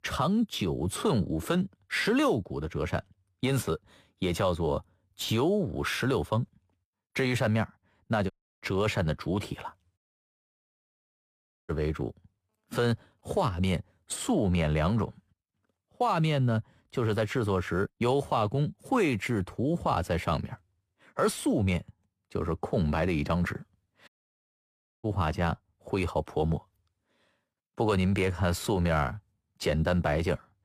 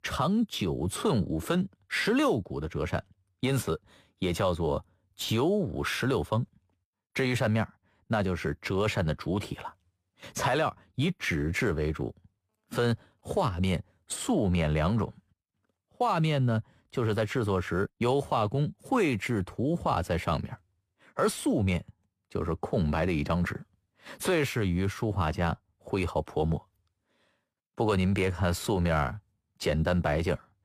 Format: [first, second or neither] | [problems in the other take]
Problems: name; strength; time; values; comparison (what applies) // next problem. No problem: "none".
second | audio cutting out; at 8.5 s, at 10 s for 1.5 s and at 24 s for 1 s